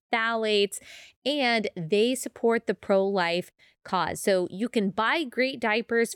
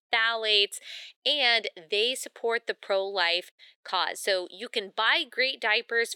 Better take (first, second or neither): first